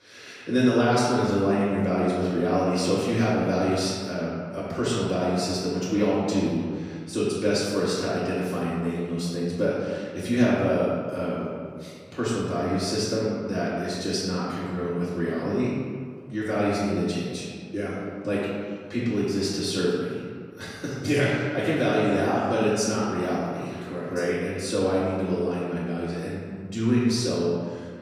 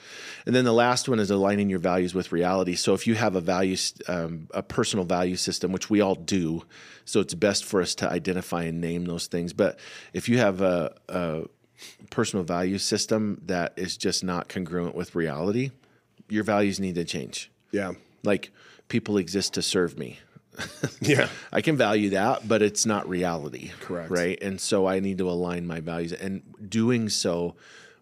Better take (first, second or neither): second